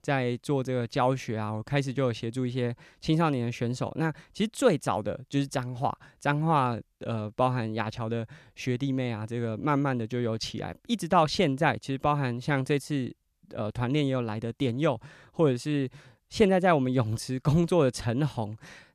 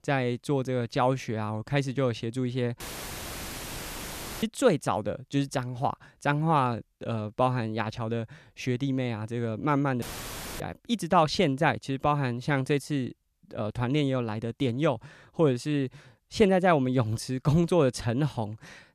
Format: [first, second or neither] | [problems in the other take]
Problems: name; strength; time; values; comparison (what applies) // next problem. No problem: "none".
first | audio cutting out; filled with static; at 3 s for 1.5 s and at 10 s for 0.5 s